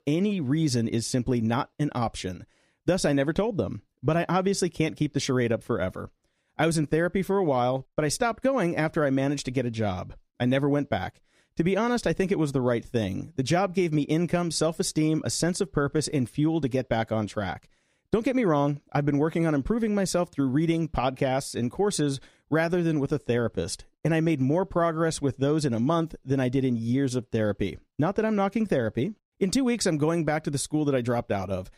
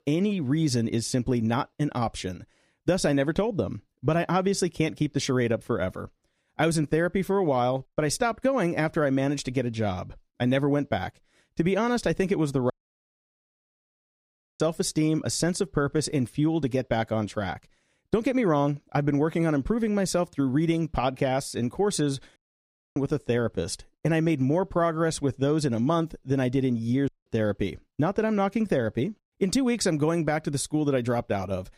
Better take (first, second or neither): first